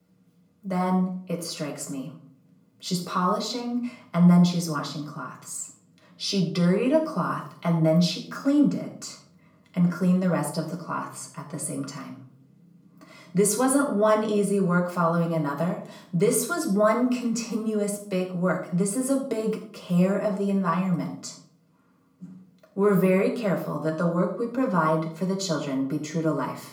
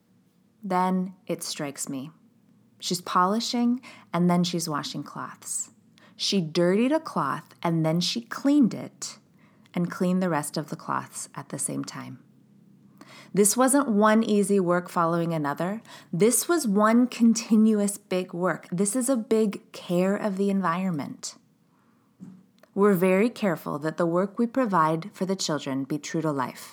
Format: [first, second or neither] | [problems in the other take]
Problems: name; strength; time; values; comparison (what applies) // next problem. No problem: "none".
second | off-mic speech; far // room echo; slight; dies away in 0.4 s